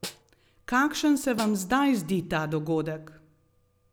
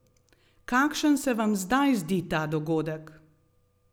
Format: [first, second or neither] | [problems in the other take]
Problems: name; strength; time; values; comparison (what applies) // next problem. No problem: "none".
second | background sound (Snare drum); 16 dB below the speech